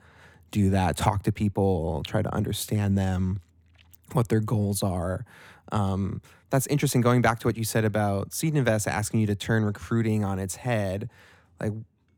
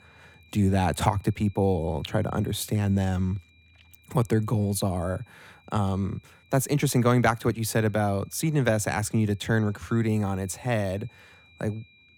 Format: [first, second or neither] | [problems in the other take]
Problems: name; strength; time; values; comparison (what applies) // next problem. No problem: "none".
first | high-pitched whine; faint; throughout; 2.5 kHz, 30 dB below the speech